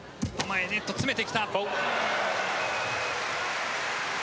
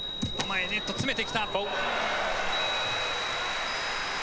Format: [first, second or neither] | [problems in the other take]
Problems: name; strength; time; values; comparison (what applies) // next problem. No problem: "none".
first | background sound (Chime); 5 dB below the speech